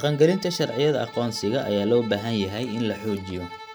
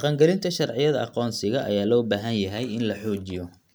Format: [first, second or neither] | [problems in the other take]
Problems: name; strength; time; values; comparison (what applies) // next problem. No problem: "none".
second | background sound (Bowed string instrument); 17 dB below the speech